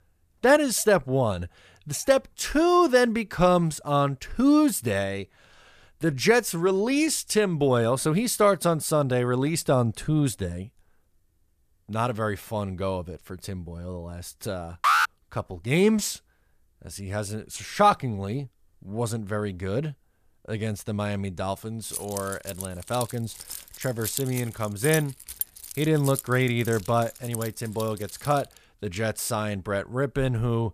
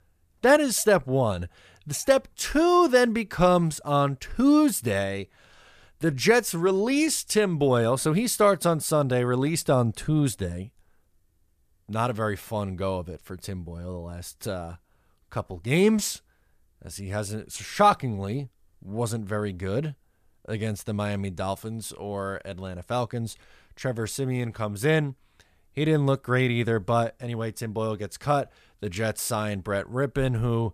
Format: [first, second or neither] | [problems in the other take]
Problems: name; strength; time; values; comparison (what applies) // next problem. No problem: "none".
second | alarm; loud; at 15 s; peak 4 dB above the speech // jangling keys; noticeable; from 22 to 28 s; peak 6 dB below the speech